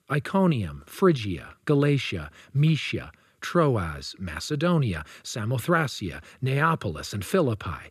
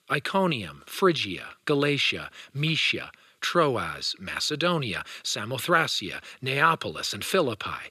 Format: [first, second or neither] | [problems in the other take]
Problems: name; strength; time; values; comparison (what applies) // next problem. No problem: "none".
first | thin; somewhat; fading below 950 Hz